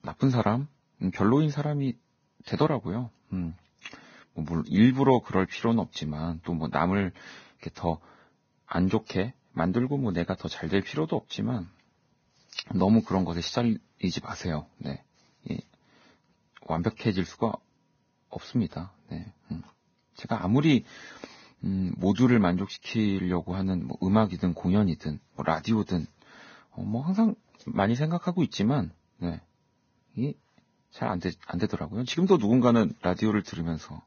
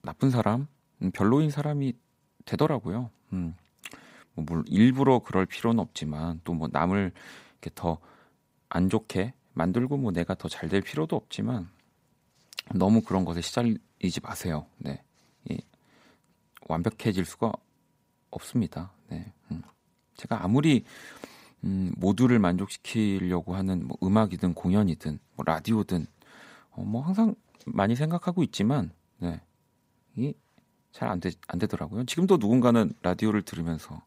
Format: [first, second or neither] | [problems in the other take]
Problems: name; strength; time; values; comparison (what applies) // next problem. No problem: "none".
second | garbled, watery; badly; nothing above 6.5 kHz